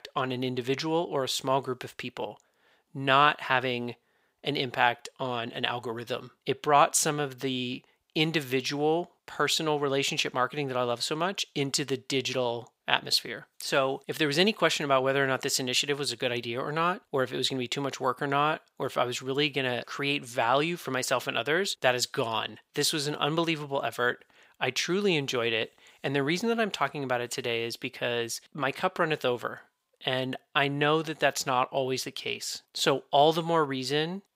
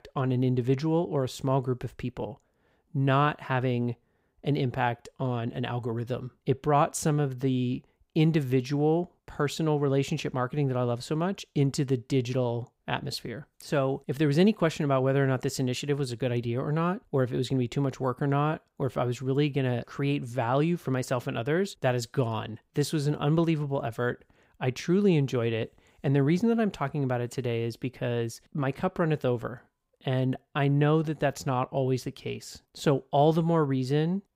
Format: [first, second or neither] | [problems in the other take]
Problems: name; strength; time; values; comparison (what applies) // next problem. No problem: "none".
second | thin; somewhat; fading below 1 kHz